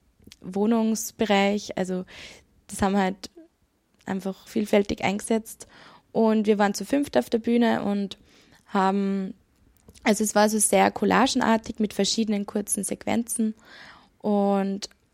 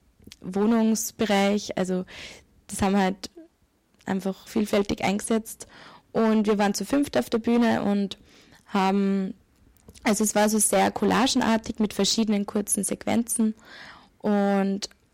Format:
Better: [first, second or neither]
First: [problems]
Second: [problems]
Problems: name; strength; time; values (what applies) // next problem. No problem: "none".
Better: first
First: none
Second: distortion; slight; 7% of the sound clipped